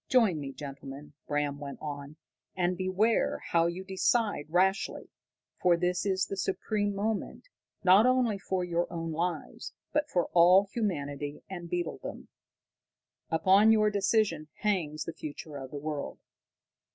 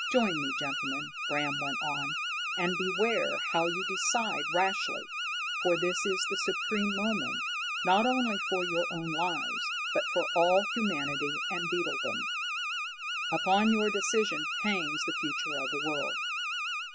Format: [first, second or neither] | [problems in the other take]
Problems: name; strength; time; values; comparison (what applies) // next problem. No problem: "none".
first | background sound (Alarm); 1 dB below the speech